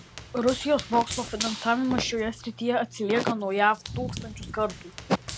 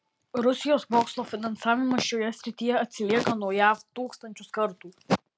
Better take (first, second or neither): second